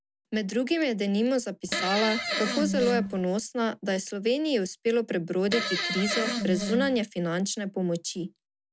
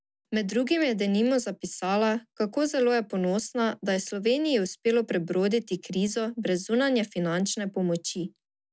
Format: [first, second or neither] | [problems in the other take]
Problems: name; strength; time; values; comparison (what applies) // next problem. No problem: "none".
second | background sound (Fart); 2 dB below the speech